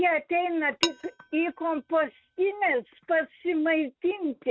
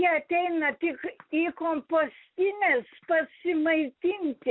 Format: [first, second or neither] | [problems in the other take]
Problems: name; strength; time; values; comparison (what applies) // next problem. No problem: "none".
second | noise reduction (neural mask model RNNoise)